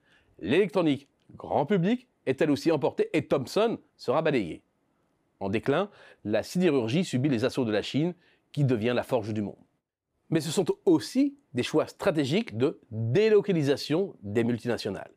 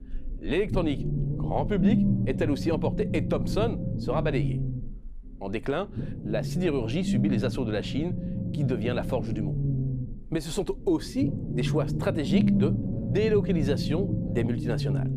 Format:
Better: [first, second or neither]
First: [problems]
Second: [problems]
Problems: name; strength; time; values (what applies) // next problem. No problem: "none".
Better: first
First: none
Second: low rumble; loud; throughout; 6 dB below the speech